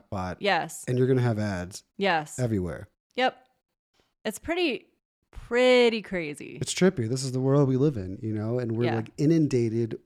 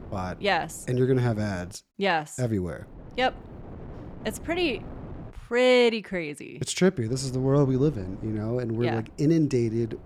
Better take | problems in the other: first | wind noise on the microphone; occasional gusts; until 1.5 s, from 3 to 5.5 s and from 7 s on; 20 dB below the speech

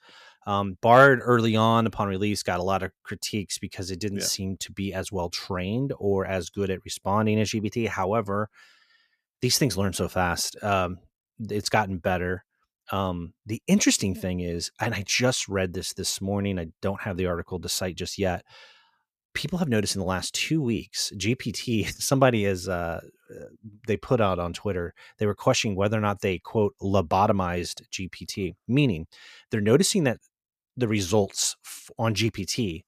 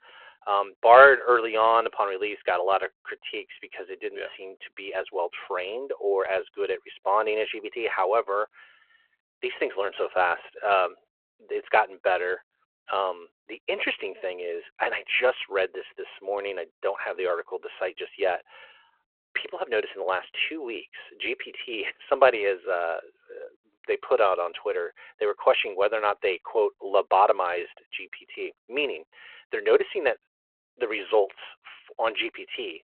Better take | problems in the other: first | phone-call audio

